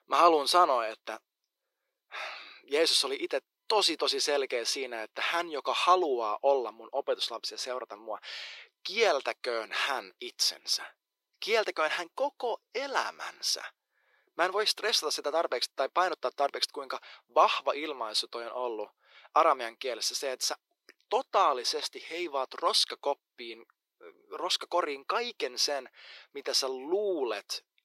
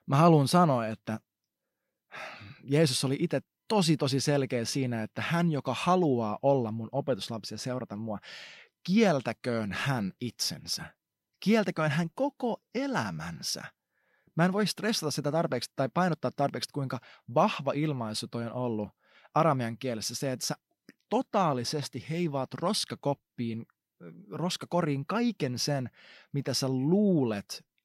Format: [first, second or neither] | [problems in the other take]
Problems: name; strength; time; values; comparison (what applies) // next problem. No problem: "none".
second | thin; very; fading below 350 Hz